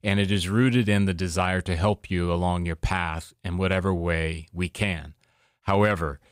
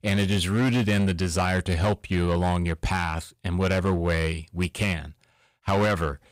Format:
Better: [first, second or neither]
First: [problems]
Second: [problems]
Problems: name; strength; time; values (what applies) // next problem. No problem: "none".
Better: first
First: none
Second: distortion; slight; 10% of the sound clipped